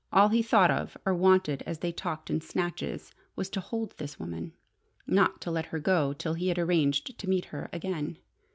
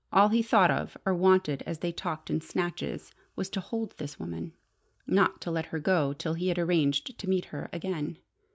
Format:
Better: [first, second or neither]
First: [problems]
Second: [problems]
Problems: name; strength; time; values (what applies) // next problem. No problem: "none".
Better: first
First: none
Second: noise reduction (neural mask model Resemble Enhance denoiser)